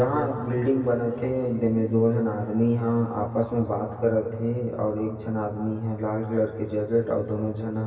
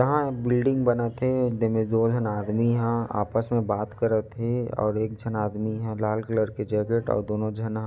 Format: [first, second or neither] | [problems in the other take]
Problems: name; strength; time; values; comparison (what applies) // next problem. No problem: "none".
second | room echo; dies away in 2.6 s